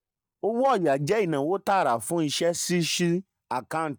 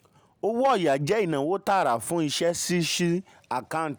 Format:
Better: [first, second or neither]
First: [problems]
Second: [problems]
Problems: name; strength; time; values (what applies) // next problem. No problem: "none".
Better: second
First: noise reduction (neural mask model DeepFilterNet 3)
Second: none